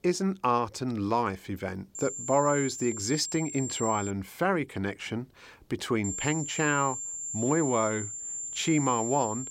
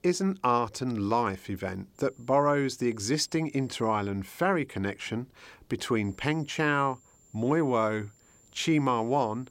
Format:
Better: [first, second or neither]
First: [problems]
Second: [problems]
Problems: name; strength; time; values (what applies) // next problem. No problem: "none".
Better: second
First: high-pitched whine; loud; from 2 to 4 s and from 6 s on; 7.5 kHz, 5 dB below the speech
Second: high-pitched whine; faint; from 2 to 4 s and from 6 s on; 7.5 kHz, 30 dB below the speech